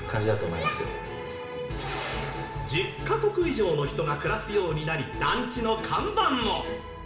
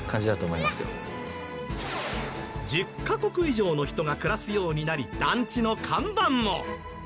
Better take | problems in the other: second | room echo; dies away in 0.7 s

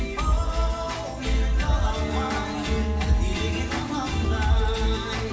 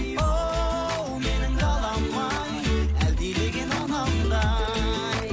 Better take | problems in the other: second | background sound (Wind instrument, woodwind instrument); 14 dB below the speech // room echo; dies away in 1 s

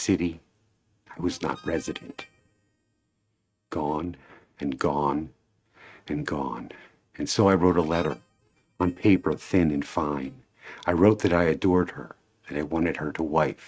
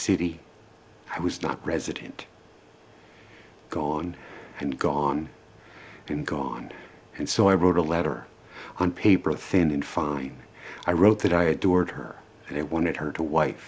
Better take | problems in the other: second | noise reduction (neural mask model RNNoise)

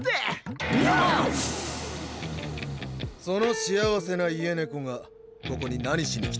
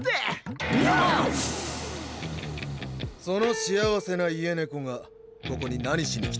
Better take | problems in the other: second | background sound (Guitar); 18 dB below the speech

